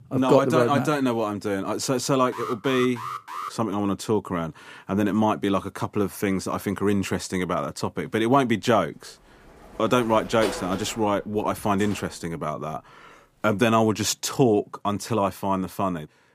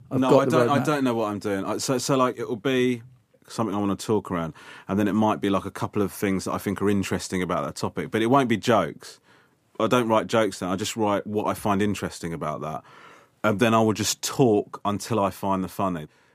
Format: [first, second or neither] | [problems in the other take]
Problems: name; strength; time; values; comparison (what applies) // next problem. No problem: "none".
second | alarm; noticeable; from 2.5 to 3.5 s; peak 9 dB below the speech // door banging; noticeable; from 9.5 to 12 s; peak 7 dB below the speech